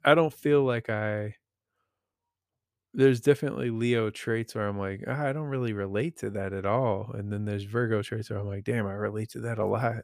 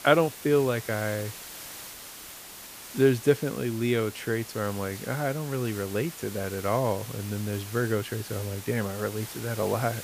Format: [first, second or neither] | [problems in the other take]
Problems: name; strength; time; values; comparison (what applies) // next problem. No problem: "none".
first | hiss; noticeable; throughout; 10 dB below the speech